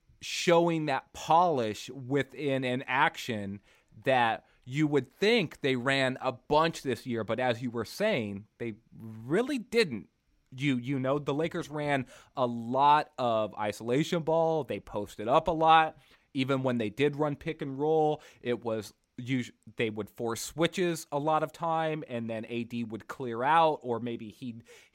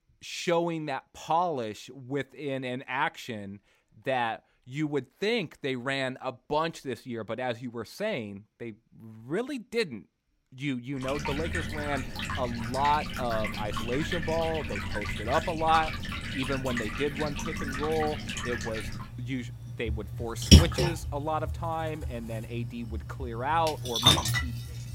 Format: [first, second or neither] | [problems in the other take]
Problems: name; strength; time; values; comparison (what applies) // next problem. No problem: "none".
first | rain or running water; very loud; from 11 s on; 2 dB above the speech